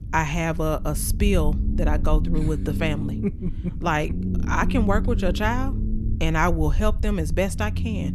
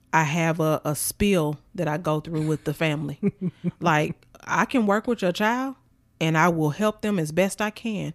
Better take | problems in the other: second | low rumble; noticeable; throughout; 15 dB below the speech

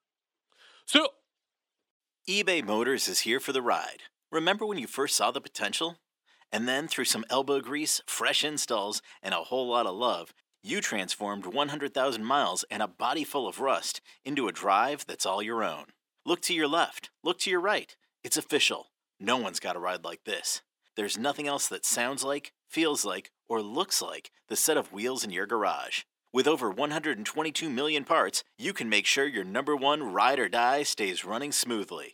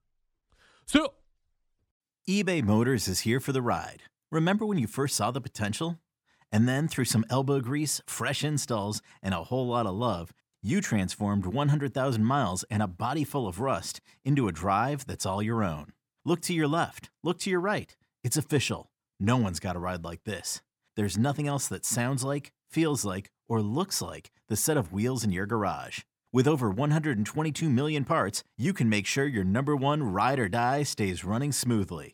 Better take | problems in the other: second | thin; somewhat; fading below 350 Hz

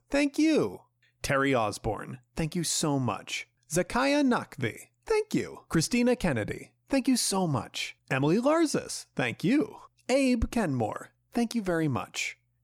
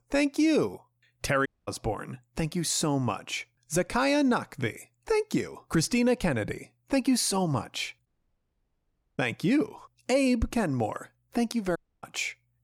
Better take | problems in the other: first | audio cutting out; at 1.5 s, at 8 s for 1 s and at 12 s

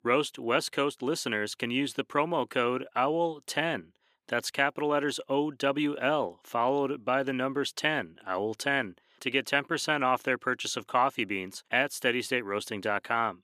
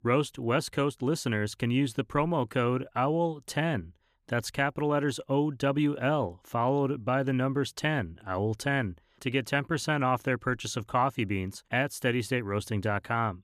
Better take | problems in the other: second | thin; very slightly; fading below 300 Hz

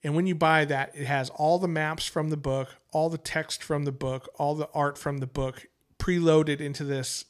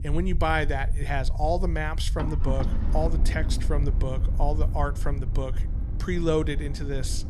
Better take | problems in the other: first | low rumble; noticeable; throughout; 15 dB below the speech

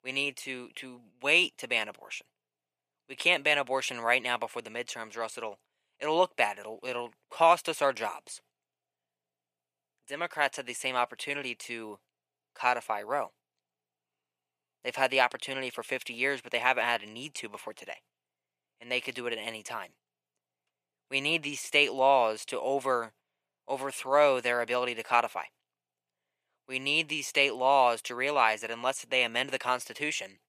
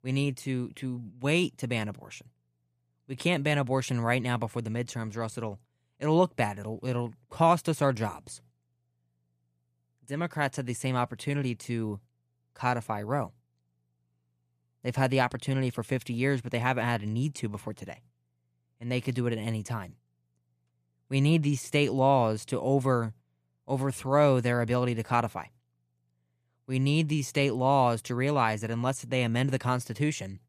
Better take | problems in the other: second | thin; very; fading below 600 Hz

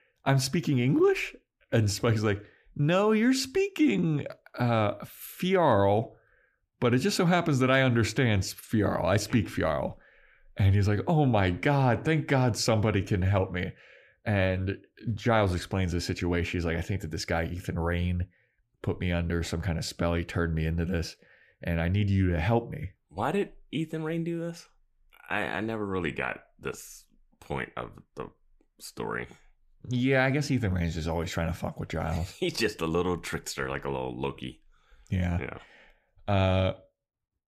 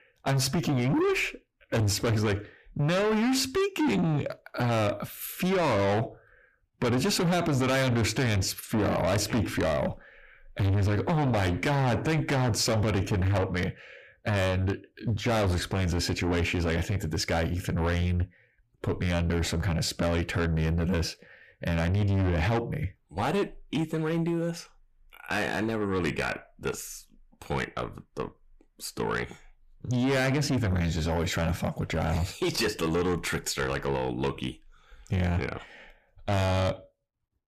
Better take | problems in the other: first | distortion; heavy; 6 dB below the speech

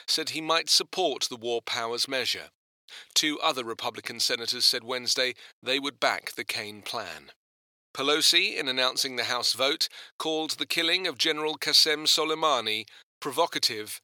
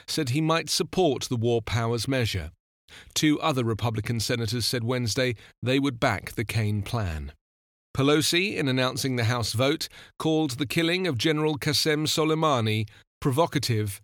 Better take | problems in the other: second | thin; very; fading below 500 Hz

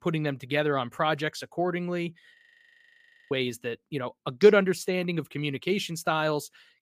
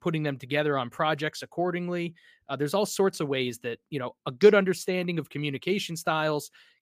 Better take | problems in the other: second | audio freezing; at 2.5 s for 1 s

